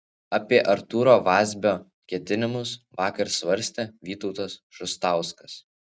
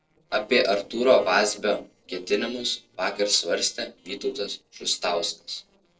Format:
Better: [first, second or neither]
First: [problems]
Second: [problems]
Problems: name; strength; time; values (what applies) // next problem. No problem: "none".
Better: first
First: none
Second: noise reduction (neural separator model SepFormer DNS4)